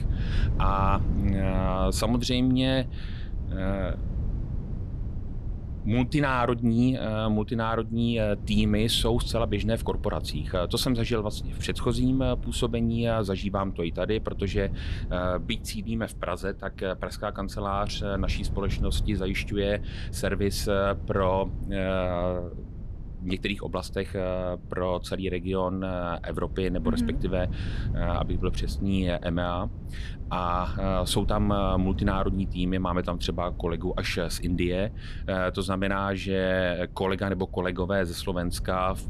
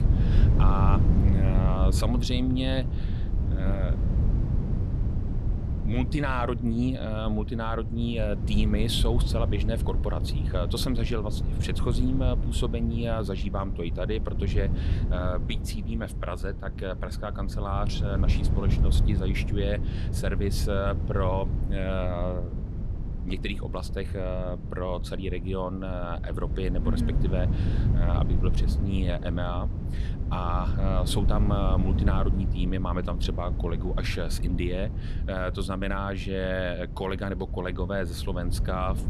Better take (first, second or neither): first